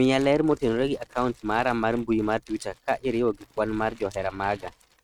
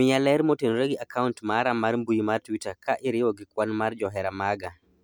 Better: second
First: noise reduction (neural mask model RNNoise)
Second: none

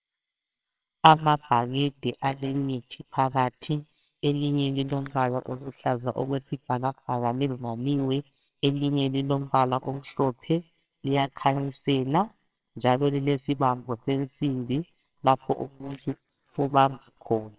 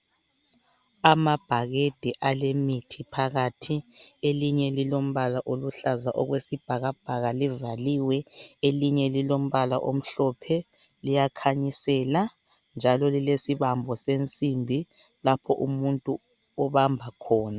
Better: second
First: noise reduction (neural separator model SepFormer WHAMR!)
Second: none

